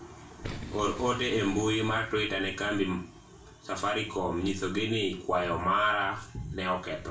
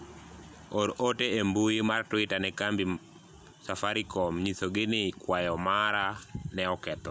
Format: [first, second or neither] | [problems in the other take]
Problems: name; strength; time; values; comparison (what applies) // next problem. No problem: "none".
second | background sound (Boom); 17 dB below the speech // room echo; dies away in 0.3 s